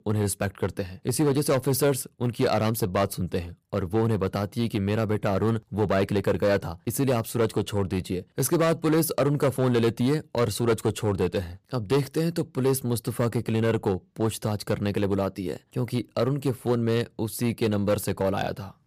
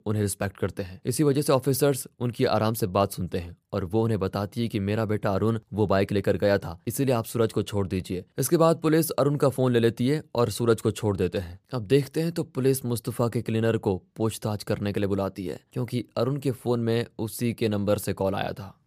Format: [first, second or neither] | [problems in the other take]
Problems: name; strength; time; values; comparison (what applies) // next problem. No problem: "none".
second | distortion; slight; 6% of the sound clipped